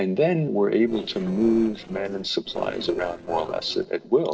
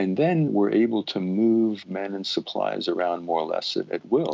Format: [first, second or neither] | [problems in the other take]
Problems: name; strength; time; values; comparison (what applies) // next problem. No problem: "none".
second | noise reduction (neural separator model SepFormer DNS4)